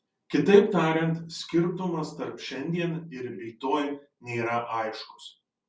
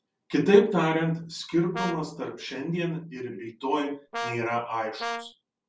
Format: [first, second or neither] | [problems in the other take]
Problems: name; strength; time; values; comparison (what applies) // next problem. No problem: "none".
first | background sound (Brass instrument); 6 dB below the speech